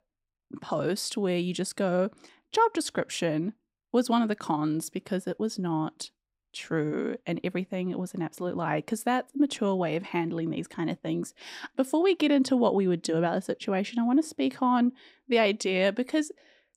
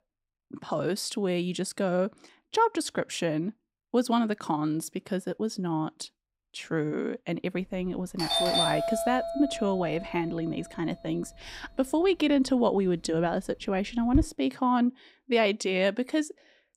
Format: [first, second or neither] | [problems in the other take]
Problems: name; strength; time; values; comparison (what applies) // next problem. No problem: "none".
first | doorbell; loud; from 8 to 14 s; peak 5 dB above the speech